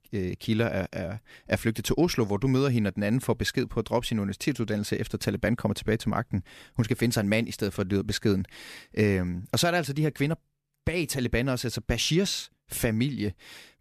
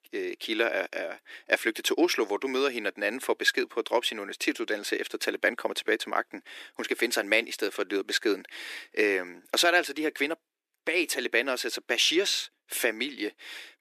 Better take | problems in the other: first | thin; very; fading below 300 Hz

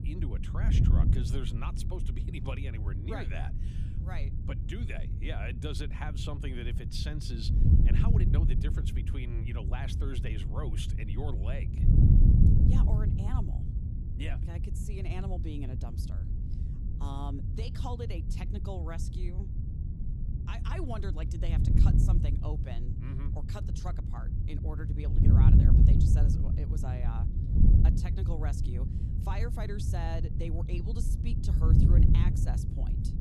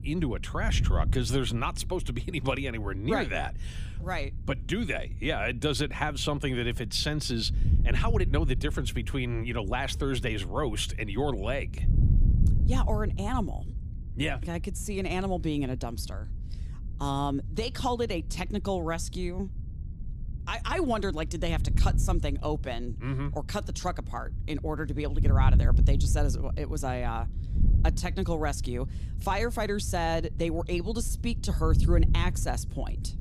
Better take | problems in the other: second | wind noise on the microphone; heavy; as loud as the speech; occasional gusts in the second

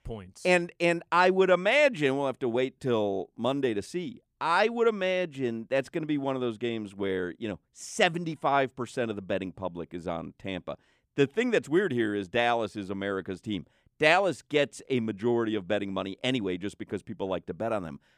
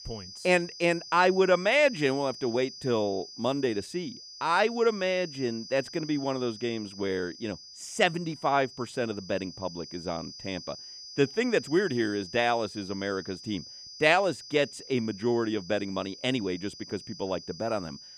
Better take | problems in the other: first | high-pitched whine; noticeable; throughout; 5 kHz, 15 dB below the speech

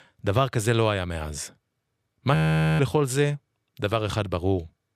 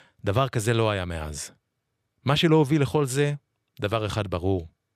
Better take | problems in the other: second | audio freezing; at 2.5 s

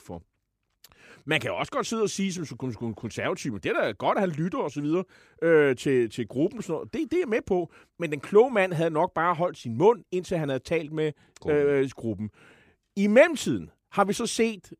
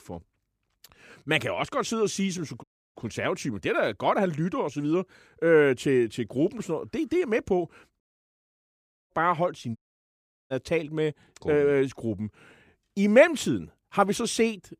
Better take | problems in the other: first | audio cutting out; at 2.5 s, at 8 s for 1 s and at 10 s for 0.5 s

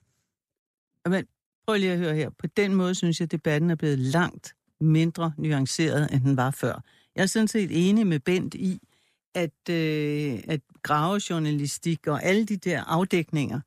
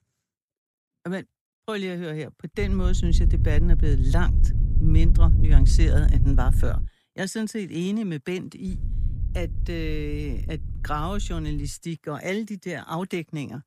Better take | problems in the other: first | low rumble; loud; from 2.5 to 7 s and from 8.5 to 12 s; 9 dB below the speech

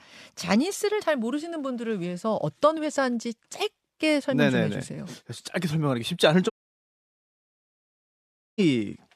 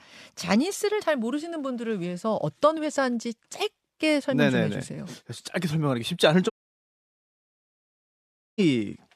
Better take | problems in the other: neither | audio cutting out; at 6.5 s for 2 s; the same in both

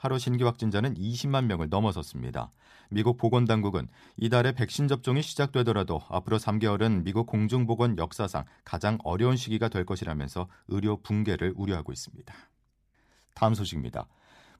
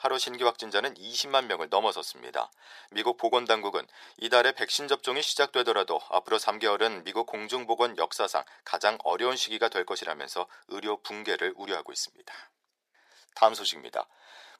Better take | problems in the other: first | thin; very; fading below 450 Hz

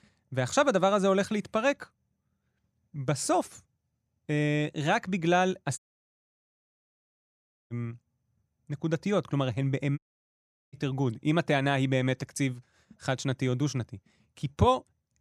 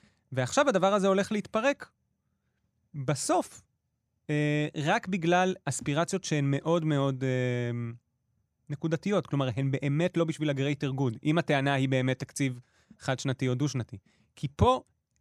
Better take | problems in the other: second | audio cutting out; at 6 s for 2 s and at 10 s for 0.5 s

